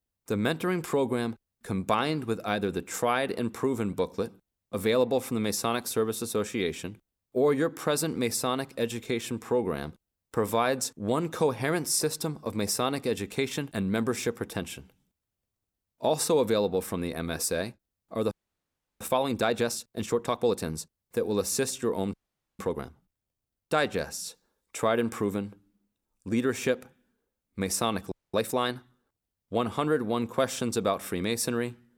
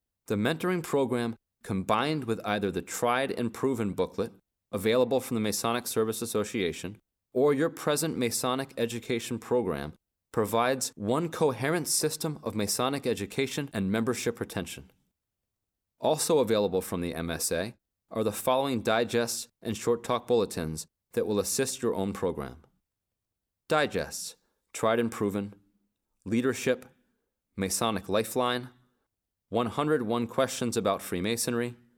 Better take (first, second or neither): second